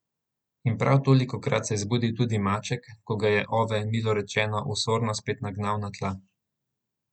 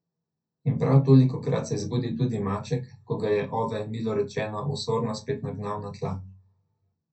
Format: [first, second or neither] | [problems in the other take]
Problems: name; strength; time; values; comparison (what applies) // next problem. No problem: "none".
first | room echo; dies away in 0.3 s